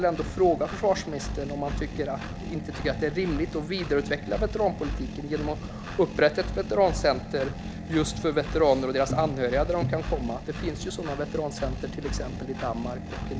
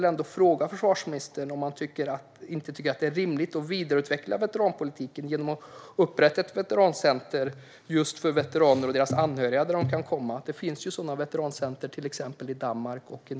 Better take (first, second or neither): second